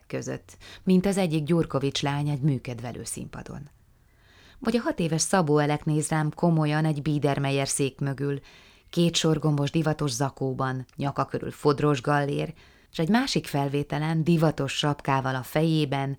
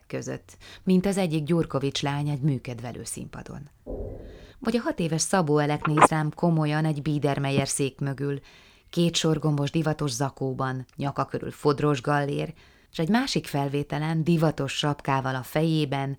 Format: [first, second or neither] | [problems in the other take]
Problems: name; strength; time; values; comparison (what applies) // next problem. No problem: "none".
first | door banging; faint; at 4 s; peak 10 dB below the speech // phone ringing; loud; from 6 to 7.5 s; peak 6 dB above the speech